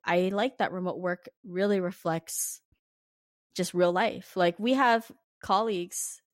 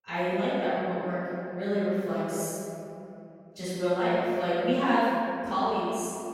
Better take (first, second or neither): first